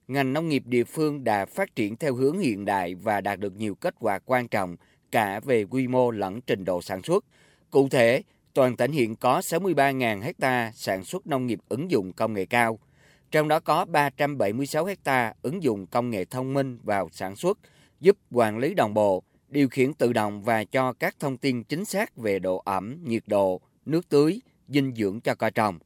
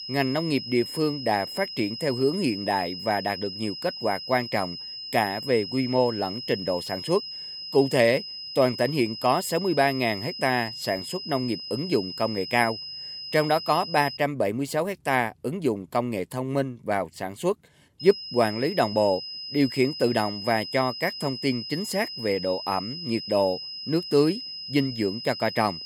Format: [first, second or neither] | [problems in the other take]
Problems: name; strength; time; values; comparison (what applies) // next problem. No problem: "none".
first | high-pitched whine; loud; until 14 s and from 18 s on; 5 kHz, 8 dB below the speech